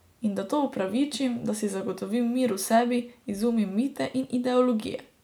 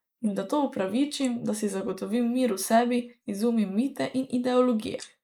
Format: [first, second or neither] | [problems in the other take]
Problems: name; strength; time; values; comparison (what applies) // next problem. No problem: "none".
first | noise reduction (neural mask model Resemble Enhance denoiser)